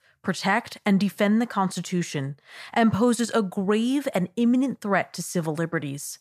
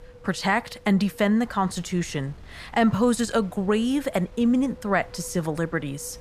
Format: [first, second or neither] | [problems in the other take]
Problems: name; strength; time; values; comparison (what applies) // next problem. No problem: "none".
first | wind noise on the microphone; occasional gusts; 20 dB below the speech